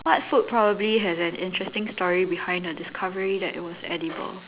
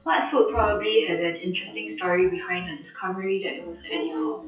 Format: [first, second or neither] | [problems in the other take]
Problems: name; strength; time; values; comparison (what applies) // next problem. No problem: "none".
first | noise reduction (classical method WPE with log-MMSE)